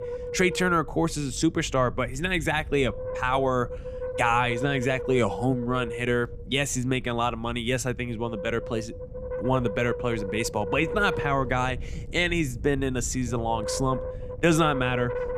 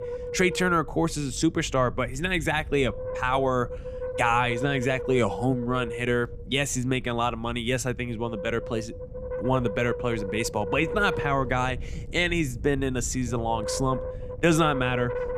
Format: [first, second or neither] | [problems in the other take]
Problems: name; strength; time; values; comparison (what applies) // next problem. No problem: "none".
neither | wind noise on the microphone; heavy; 8 dB below the speech; the same in both